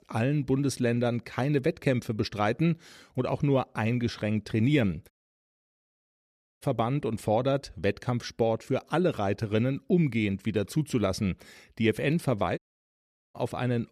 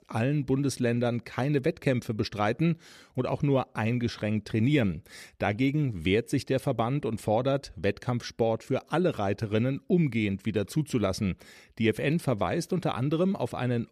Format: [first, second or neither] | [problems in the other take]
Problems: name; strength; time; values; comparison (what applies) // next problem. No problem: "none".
second | audio cutting out; at 5 s for 1.5 s and at 13 s for 1 s